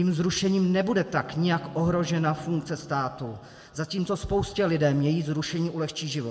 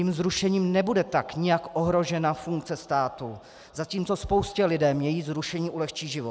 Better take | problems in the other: second | background sound (Bowed string instrument); 19 dB below the speech // room echo; dies away in 1 s

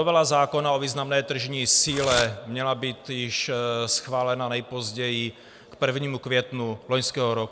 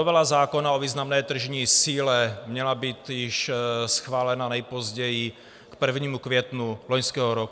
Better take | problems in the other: second | background sound (Packing tape, duct tape / Tearing); 11 dB below the speech

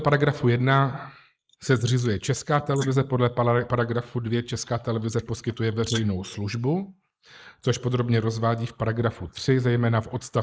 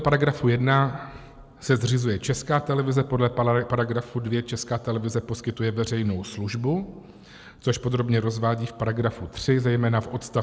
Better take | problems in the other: second | noise reduction (neural mask model Resemble Enhance denoiser)

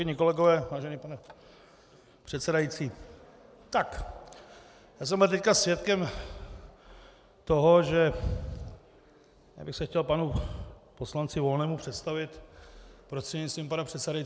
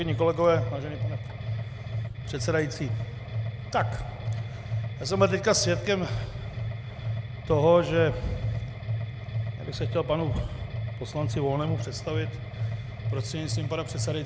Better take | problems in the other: first | background sound (Mechanisms); 3 dB below the speech

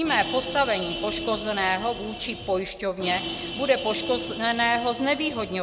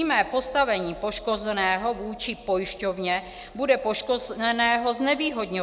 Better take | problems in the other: second | background sound (Vehicle horn, car horn, honking); 8 dB below the speech

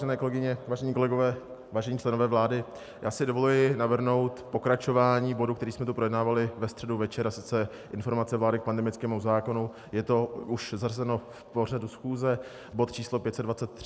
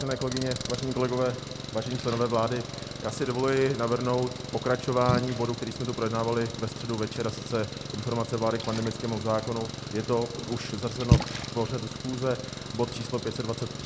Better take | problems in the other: first | background sound (Splash, splatter + Engine); 5 dB below the speech

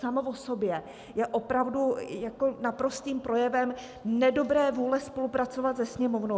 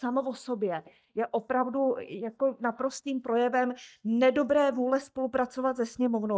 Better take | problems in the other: first | noise reduction (neural mask model DeepFilterNet 3)

